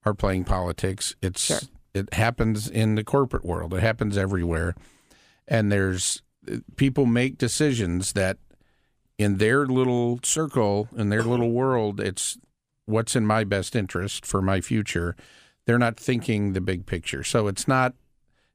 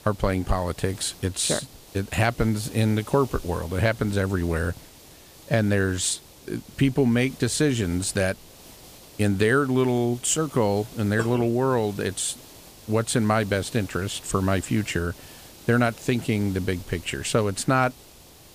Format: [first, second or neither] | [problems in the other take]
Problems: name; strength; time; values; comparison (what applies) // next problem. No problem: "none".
first | hiss; faint; throughout; 20 dB below the speech